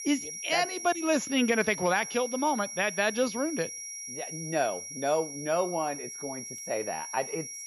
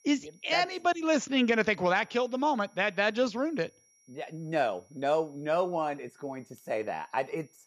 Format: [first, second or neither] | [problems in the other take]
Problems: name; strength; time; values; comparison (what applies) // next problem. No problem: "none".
second | high-pitched whine; loud; throughout; 5.5 kHz, 8 dB below the speech; faint in the second